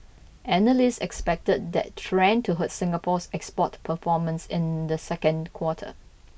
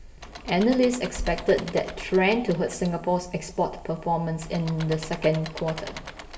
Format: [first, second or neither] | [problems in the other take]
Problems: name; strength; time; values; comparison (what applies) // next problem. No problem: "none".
first | background sound (Engine / Mechanisms); 16 dB below the speech // room echo; dies away in 2.8 s